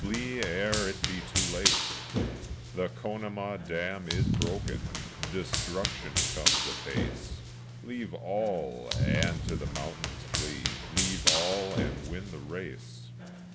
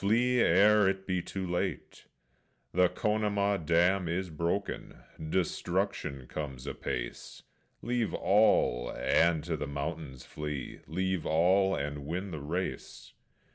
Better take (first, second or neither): second